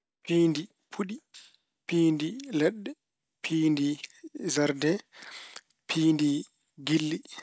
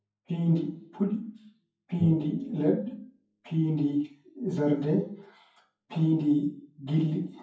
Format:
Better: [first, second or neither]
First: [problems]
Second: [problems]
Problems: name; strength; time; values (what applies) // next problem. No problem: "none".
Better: first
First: none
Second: noise reduction (classical method WPE with log-MMSE)